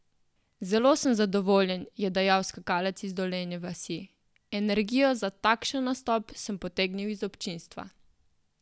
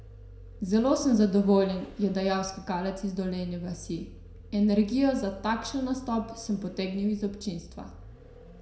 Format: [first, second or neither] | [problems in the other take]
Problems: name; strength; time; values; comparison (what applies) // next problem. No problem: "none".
first | background sound (Vehicle); 18 dB below the speech // room echo; dies away in 0.5 s